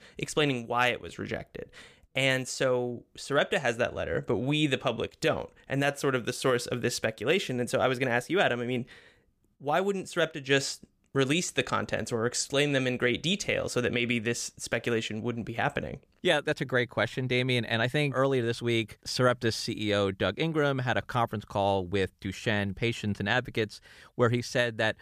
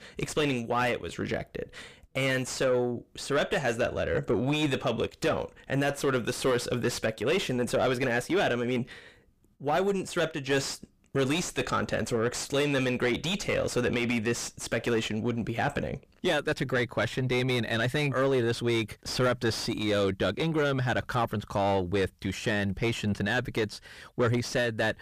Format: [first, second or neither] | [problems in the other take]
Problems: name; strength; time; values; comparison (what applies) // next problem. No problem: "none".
first | distortion; heavy; 7 dB below the speech